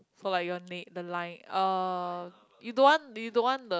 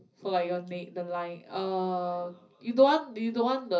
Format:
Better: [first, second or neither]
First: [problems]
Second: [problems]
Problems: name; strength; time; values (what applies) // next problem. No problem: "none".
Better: first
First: none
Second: room echo; dies away in 0.4 s